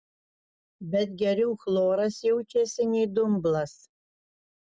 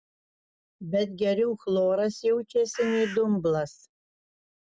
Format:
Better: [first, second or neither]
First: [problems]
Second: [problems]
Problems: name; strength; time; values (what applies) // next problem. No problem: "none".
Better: first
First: none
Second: background sound (Bird); 10 dB below the speech